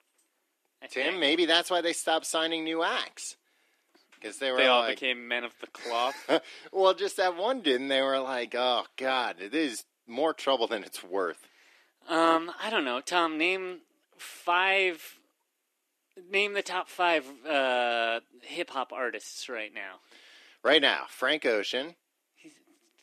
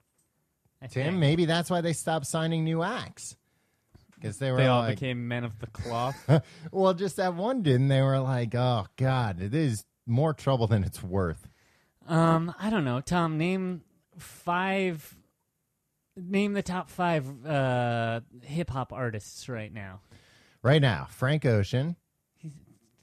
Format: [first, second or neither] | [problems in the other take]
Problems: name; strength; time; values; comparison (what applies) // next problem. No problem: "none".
second | thin; very; fading below 300 Hz